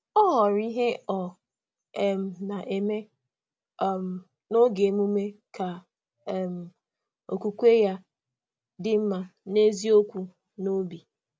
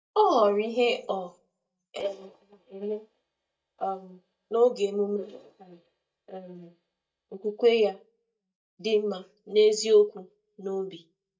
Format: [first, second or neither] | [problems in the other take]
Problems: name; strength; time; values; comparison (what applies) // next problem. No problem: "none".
first | noise reduction (neural mask model DeepFilterNet 3)